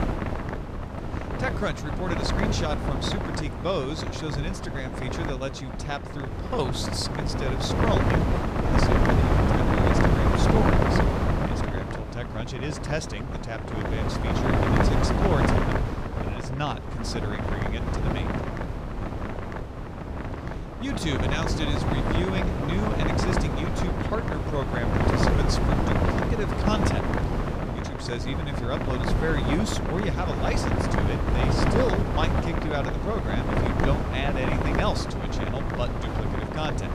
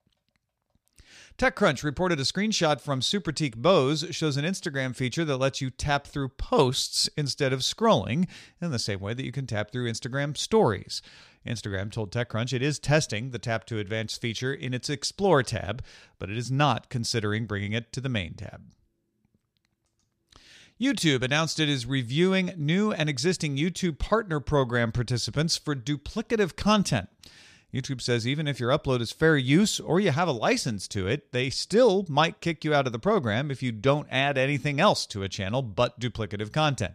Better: second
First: wind noise on the microphone; heavy; 3 dB above the speech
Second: none

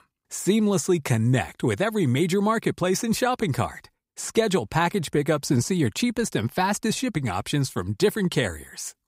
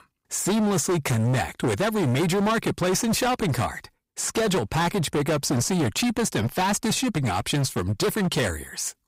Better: first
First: none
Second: distortion; heavy; 26% of the sound clipped

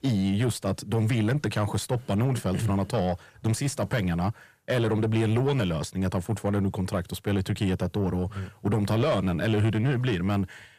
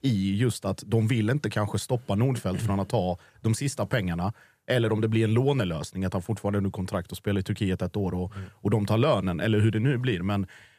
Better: second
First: distortion; slight; 10 dB below the speech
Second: none

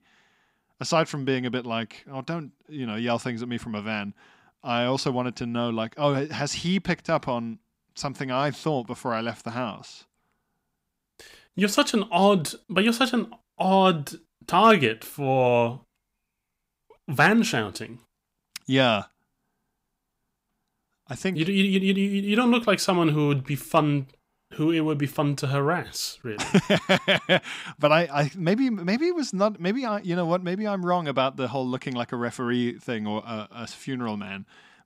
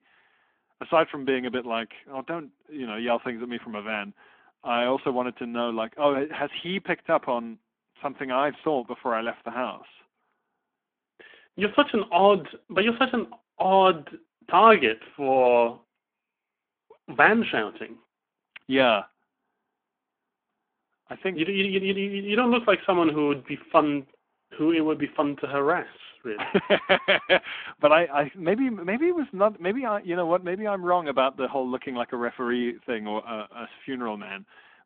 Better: first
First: none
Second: phone-call audio

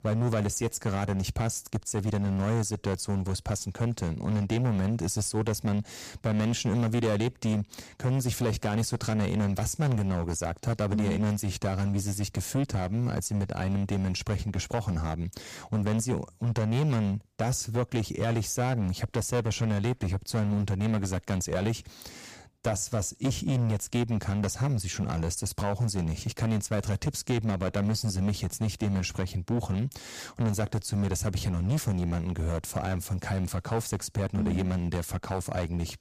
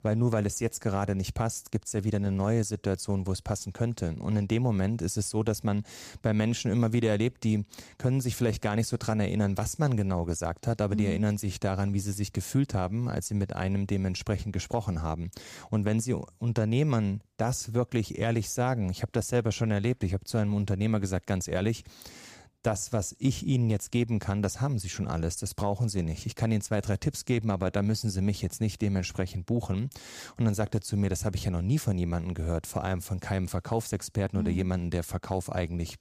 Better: second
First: distortion; slight; 11% of the sound clipped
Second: none

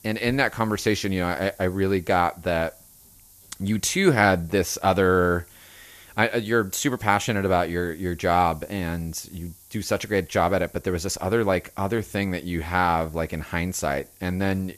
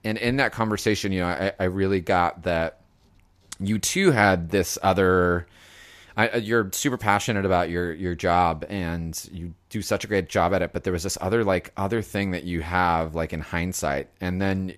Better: second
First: hiss; faint; throughout; 25 dB below the speech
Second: none

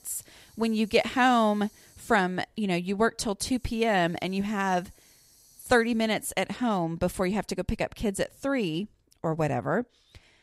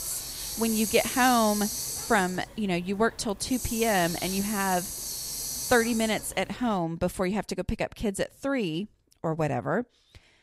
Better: first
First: hiss; faint; until 6.5 s; 30 dB below the speech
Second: hiss; loud; until 6.5 s; 4 dB below the speech

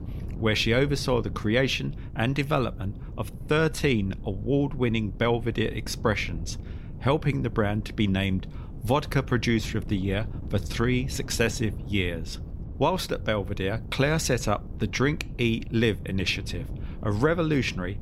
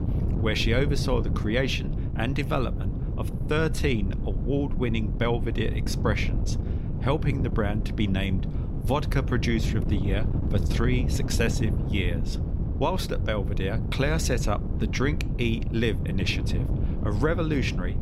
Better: first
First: wind noise on the microphone; occasional gusts; 20 dB below the speech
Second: wind noise on the microphone; heavy; 10 dB below the speech

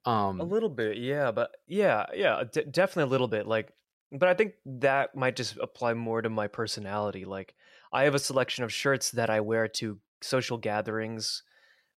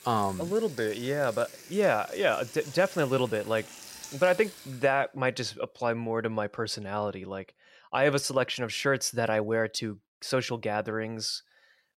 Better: first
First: none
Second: household noises; noticeable; until 4.5 s; 15 dB below the speech

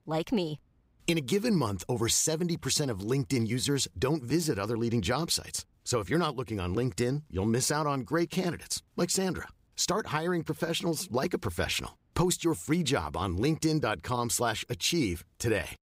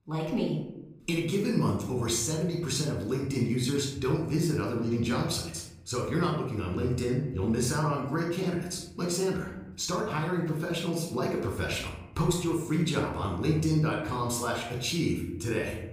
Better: first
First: none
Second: off-mic speech; somewhat distant // room echo; noticeable; dies away in 0.8 s

